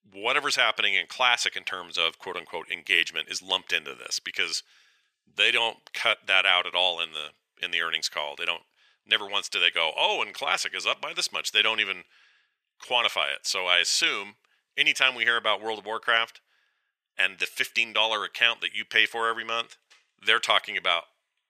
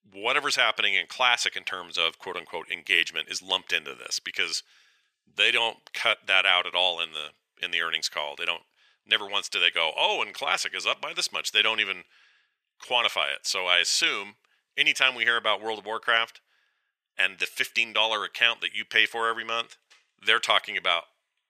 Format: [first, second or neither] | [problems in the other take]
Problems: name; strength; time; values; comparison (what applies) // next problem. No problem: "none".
neither | thin; very; fading below 700 Hz; the same in both